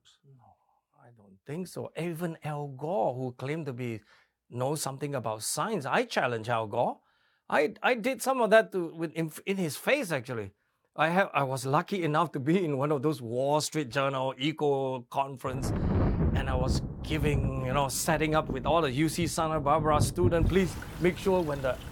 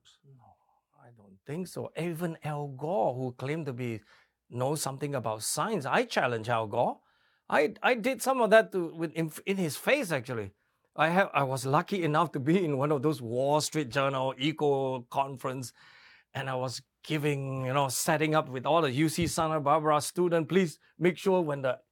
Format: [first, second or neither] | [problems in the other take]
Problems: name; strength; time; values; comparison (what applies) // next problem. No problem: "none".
second | rain or running water; loud; from 16 s on; 4 dB below the speech